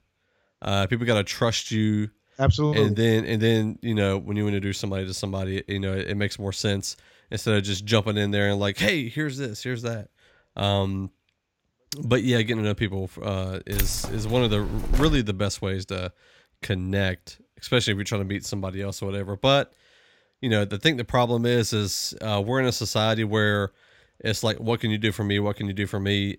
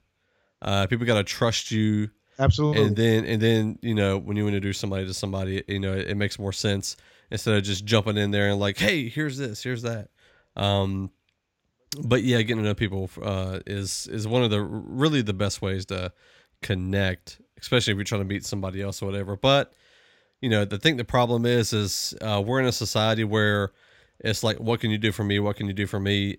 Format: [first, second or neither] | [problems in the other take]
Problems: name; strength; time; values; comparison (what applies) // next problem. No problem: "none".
second | jangling keys; noticeable; from 14 to 15 s; peak 4 dB below the speech